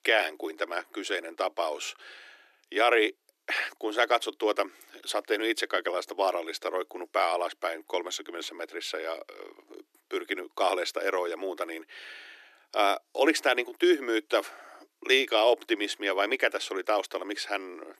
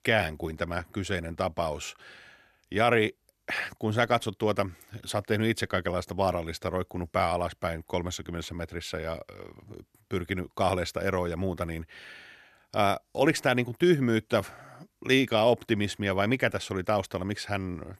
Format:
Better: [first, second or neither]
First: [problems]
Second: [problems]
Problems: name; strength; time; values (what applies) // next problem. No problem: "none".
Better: second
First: thin; very; fading below 300 Hz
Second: none